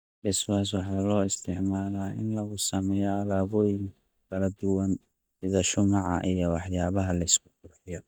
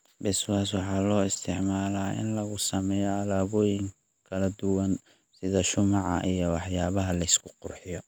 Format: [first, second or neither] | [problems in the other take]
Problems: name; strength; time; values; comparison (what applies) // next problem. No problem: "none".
second | noise reduction (neural mask model DeepFilterNet 3)